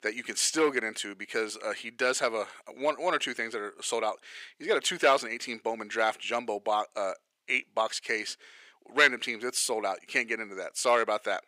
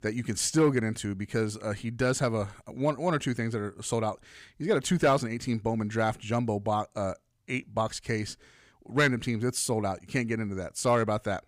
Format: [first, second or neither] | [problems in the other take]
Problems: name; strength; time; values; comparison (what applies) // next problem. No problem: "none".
second | thin; very; fading below 400 Hz